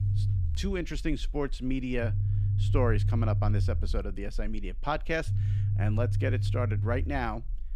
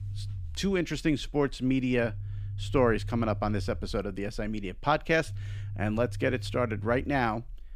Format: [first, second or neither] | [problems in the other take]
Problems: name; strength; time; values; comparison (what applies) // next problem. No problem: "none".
second | low rumble; loud; throughout; 10 dB below the speech; faint in the second